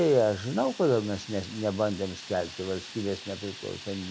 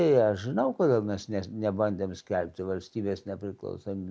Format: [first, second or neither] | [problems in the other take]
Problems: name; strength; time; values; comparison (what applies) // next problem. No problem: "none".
second | background sound (Fire); 15 dB below the speech